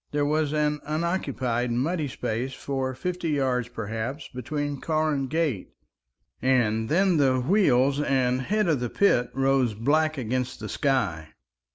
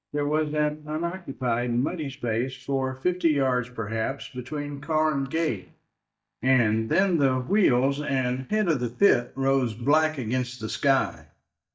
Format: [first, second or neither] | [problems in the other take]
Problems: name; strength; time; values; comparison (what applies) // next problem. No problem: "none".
first | noise reduction (neural mask model DeepFilterNet 3)